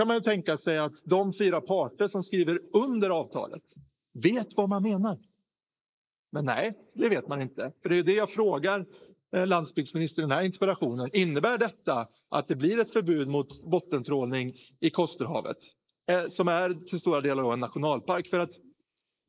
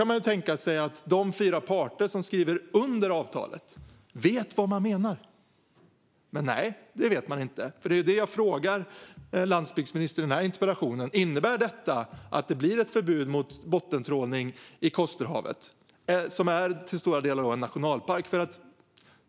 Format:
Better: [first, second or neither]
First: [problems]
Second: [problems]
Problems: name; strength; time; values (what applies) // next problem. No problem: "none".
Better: second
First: noise reduction (neural mask model Resemble Enhance denoiser)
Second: none